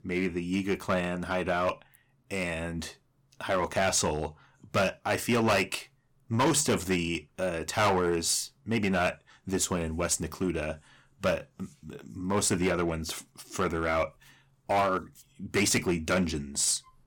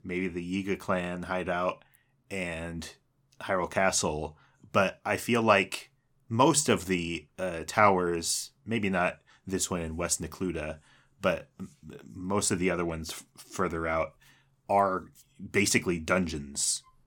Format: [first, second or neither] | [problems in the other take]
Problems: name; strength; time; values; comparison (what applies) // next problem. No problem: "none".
second | distortion; heavy; 6% of the sound clipped